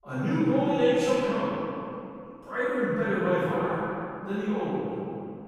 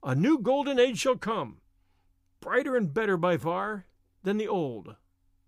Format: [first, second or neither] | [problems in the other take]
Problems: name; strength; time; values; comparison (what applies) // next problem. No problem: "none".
second | off-mic speech; far // room echo; strong; dies away in 2.5 s